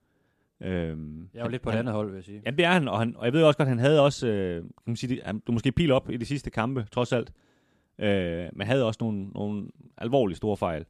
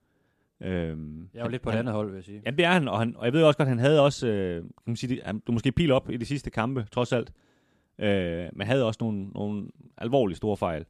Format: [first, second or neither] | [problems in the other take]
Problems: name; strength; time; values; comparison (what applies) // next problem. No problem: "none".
neither | none